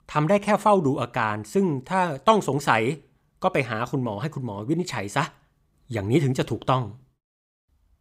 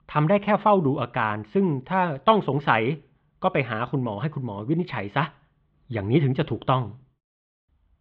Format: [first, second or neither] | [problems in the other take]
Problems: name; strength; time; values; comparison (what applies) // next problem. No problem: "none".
first | muffled; very; fading above 3.5 kHz